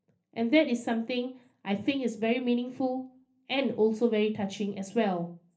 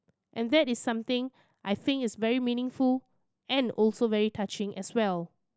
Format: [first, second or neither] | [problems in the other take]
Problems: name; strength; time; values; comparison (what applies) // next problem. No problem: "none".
second | room echo; dies away in 0.3 s